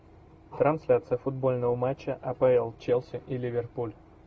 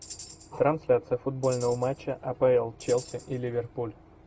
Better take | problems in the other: first | background sound (Tambourine); 20 dB below the speech

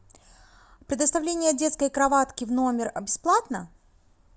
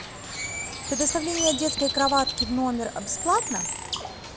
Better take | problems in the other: first | background sound (Bird); 4 dB below the speech

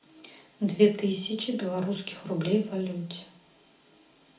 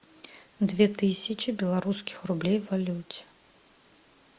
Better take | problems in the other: second | room echo; dies away in 0.4 s

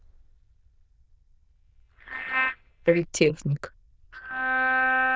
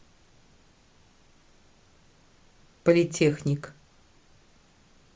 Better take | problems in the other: second | noise reduction (neural diffusion model UNIVERSE++)

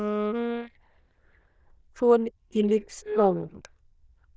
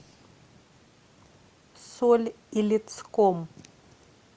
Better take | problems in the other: second | noise reduction (neural diffusion model UNIVERSE++)

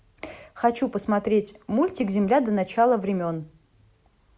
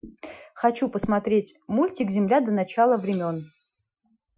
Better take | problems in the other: first | noise reduction (classical method Wiener filter)

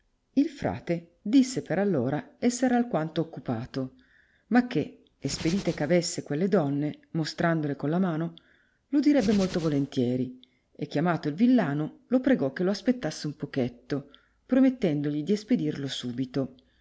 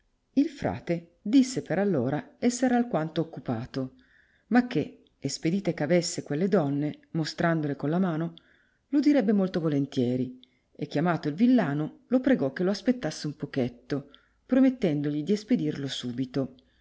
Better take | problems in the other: second | background sound (Hands); 14 dB below the speech

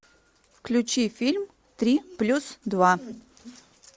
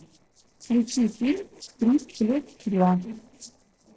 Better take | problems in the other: first | noise reduction (neural separator model SepFormer DNS4)

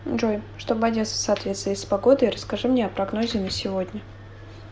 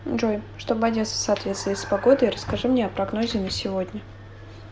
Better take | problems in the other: first | background sound (Vehicle); 16 dB below the speech

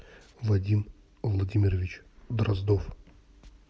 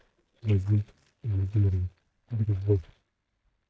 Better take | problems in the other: first | noise reduction (neural mask model DeepFilterNet 3)

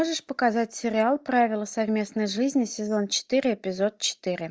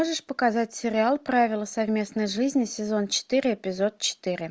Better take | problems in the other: second | noise reduction (neural mask model DeepFilterNet 3)

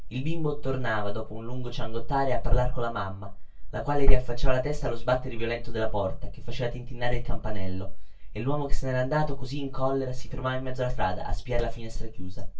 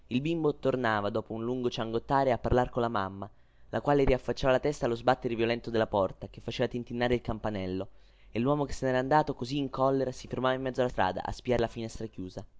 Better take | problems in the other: second | room echo; dies away in 0.2 s

